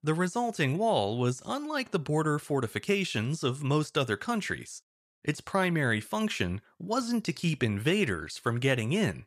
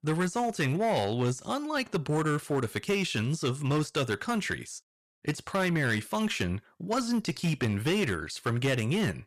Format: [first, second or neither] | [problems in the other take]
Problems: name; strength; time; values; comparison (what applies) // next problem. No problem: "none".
first | distortion; slight; 9% of the sound clipped